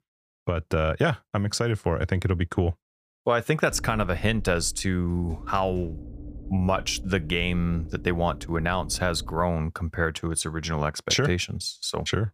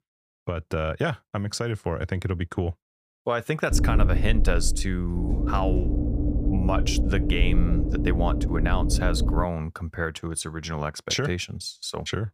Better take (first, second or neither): first